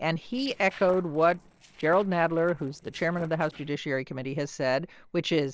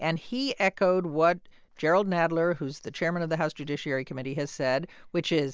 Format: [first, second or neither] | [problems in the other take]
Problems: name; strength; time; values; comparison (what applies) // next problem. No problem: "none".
second | noise reduction (neural separator model SepFormer DNS4)